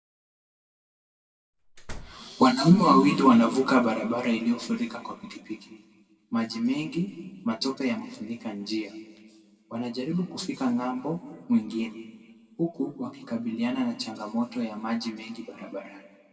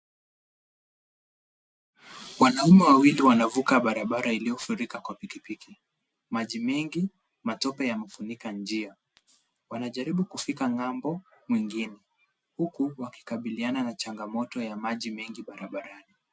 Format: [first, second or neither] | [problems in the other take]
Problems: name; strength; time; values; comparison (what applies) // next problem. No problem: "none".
second | background sound (Slam); 14 dB below the speech // room echo; dies away in 1.4 s